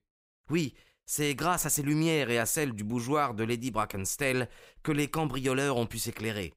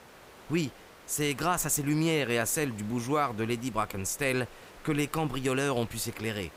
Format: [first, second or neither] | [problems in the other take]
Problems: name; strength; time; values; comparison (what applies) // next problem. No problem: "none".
first | hiss; faint; throughout; 20 dB below the speech